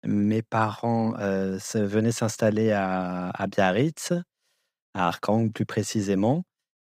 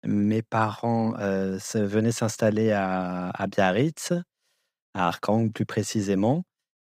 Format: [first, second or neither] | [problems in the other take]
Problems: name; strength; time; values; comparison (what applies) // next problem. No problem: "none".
neither | none